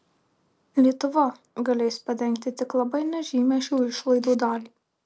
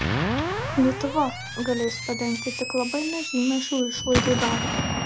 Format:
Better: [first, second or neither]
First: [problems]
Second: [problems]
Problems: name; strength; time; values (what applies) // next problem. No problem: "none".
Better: first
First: none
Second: background sound (Explosion + Screech); 2 dB below the speech